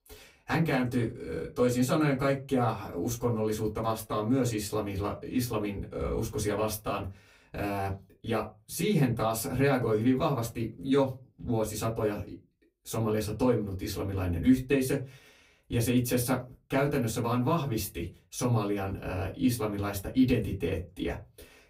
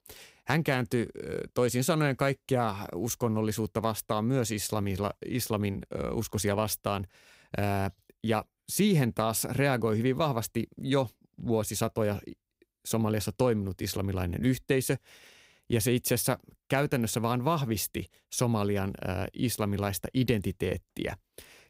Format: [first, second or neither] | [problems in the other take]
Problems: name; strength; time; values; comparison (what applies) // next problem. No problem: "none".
second | off-mic speech; far // room echo; very slight; dies away in 0.2 s